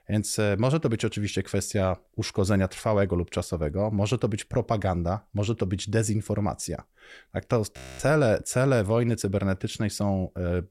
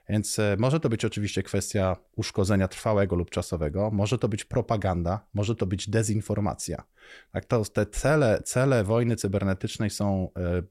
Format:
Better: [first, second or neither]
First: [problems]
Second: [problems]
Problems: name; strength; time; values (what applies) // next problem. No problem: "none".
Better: second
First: audio freezing; at 8 s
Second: none